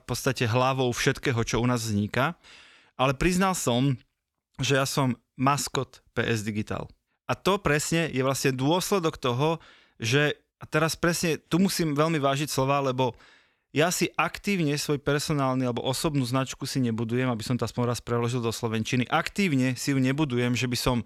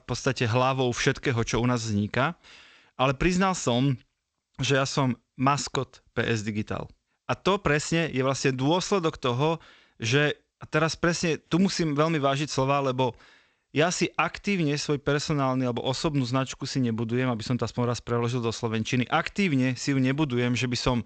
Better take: first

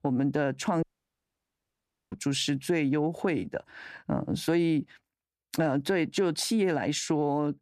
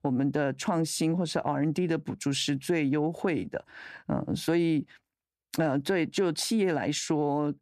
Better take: second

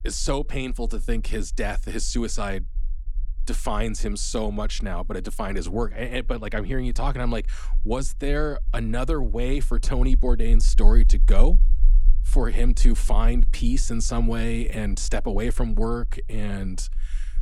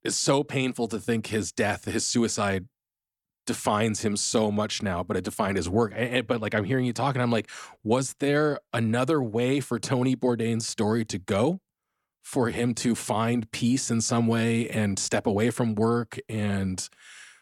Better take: second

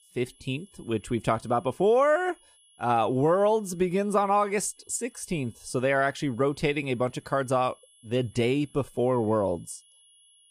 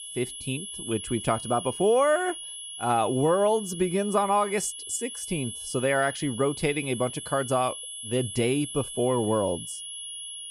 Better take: first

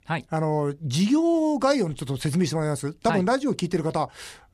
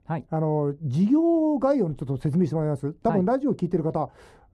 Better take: first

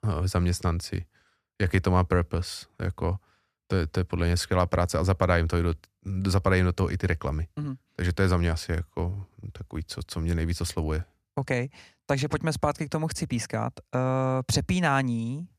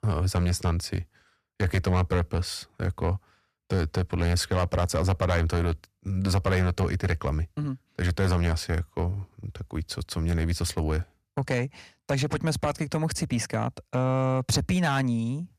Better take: first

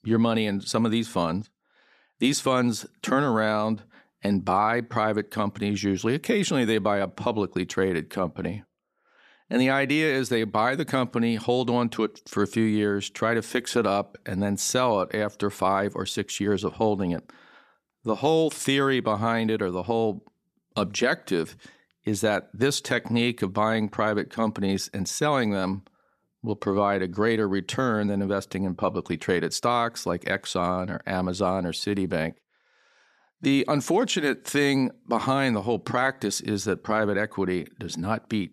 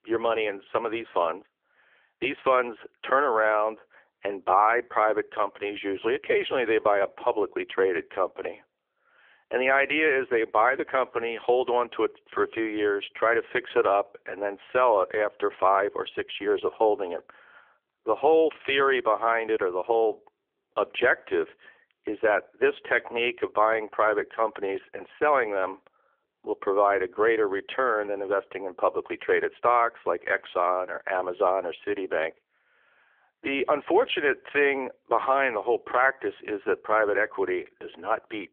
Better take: first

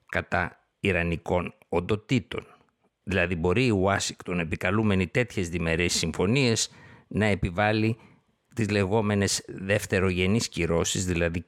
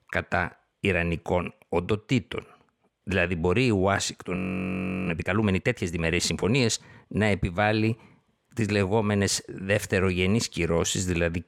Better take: first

